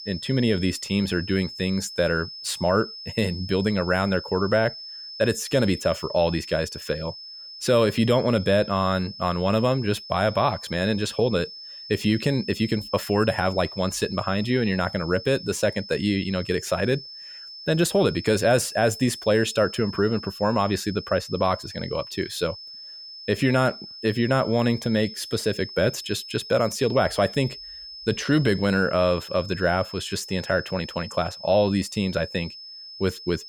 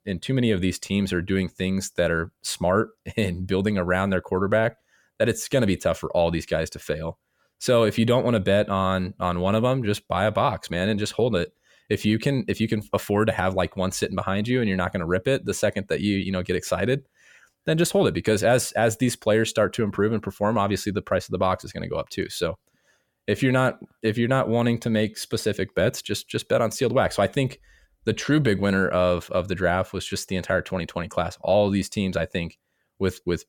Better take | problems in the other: second | high-pitched whine; noticeable; throughout; 5 kHz, 15 dB below the speech

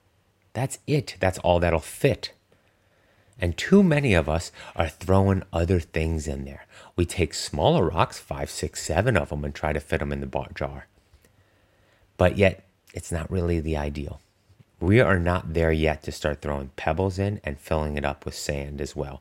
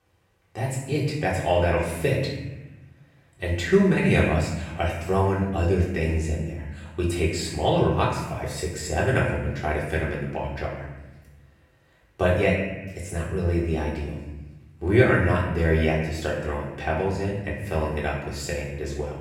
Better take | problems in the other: first | off-mic speech; far // room echo; noticeable; dies away in 1 s

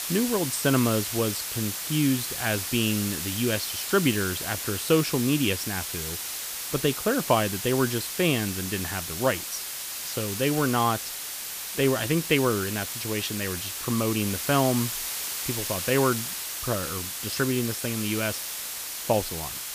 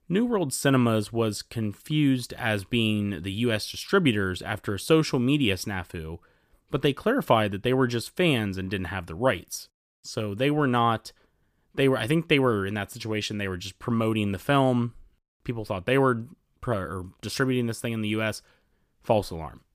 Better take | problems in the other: second | hiss; loud; throughout; 4 dB below the speech

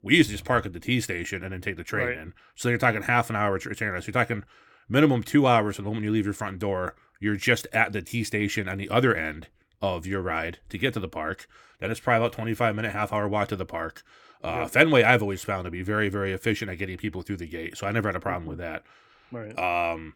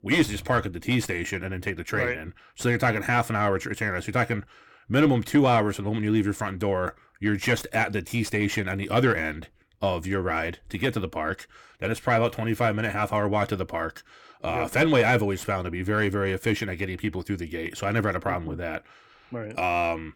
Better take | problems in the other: first | distortion; slight; 10 dB below the speech

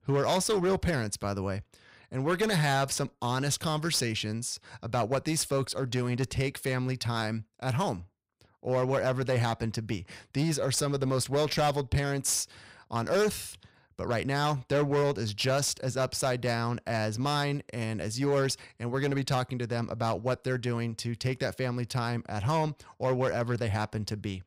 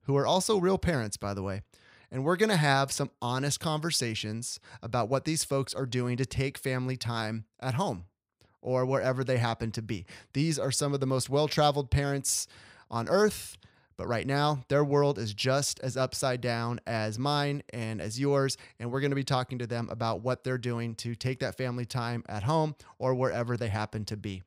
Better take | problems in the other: second | distortion; slight; 8% of the sound clipped

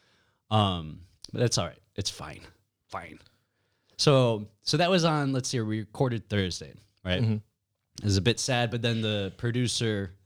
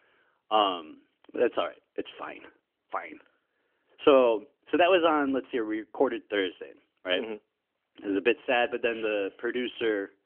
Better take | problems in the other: first | phone-call audio; nothing above 3 kHz

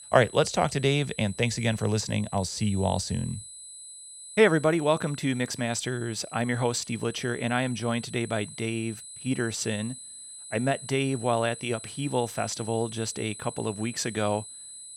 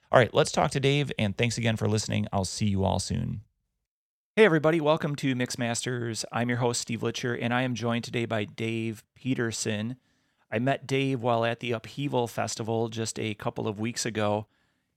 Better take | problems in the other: second | high-pitched whine; noticeable; throughout; 8 kHz, 15 dB below the speech

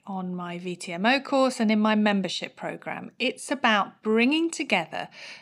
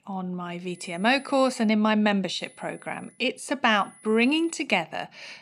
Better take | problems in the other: first | high-pitched whine; faint; at 0.5 s, at 2.5 s and at 4 s; 10 kHz, 25 dB below the speech

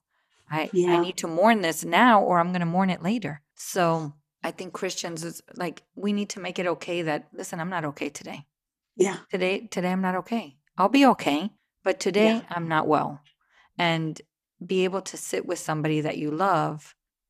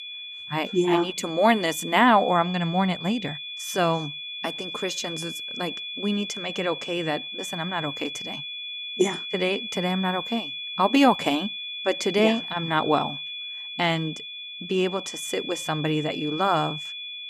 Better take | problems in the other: first | high-pitched whine; loud; throughout; 3.5 kHz, 7 dB below the speech

